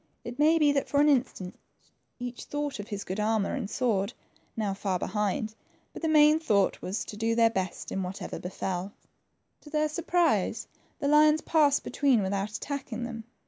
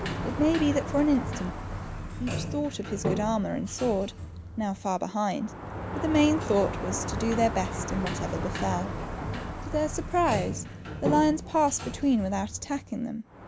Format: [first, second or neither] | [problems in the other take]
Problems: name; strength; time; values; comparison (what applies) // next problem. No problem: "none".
first | background sound (Sliding door); 6 dB below the speech